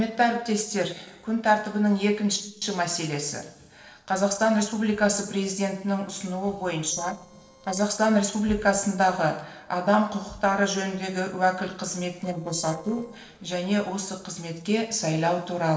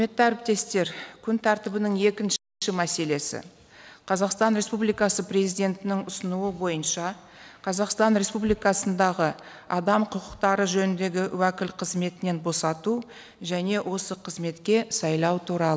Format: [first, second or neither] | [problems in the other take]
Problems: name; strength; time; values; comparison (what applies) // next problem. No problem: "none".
second | noise reduction (neural separator model SepFormer DNS4)